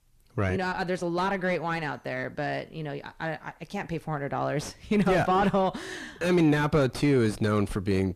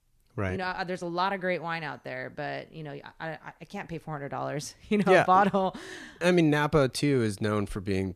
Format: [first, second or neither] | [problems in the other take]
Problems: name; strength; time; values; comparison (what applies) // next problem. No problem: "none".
second | distortion; heavy; 6 dB below the speech